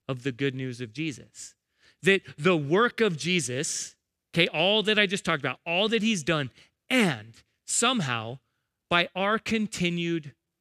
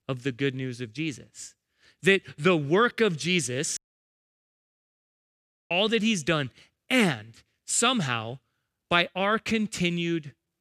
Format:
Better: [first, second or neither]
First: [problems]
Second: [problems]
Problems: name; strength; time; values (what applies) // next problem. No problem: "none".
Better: first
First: none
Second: audio cutting out; at 4 s for 2 s